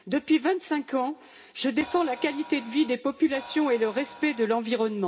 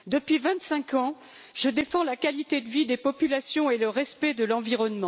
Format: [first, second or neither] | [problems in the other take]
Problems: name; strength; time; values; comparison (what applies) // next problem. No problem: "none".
second | background sound (Crash cymbal); 17 dB below the speech // room echo; dies away in 0.3 s